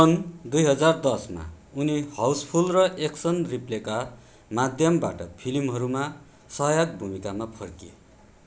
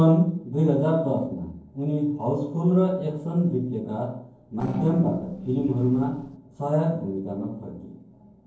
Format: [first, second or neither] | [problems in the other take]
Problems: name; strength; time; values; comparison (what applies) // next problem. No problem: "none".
first | noise reduction (neural separator model SepFormer DNS4)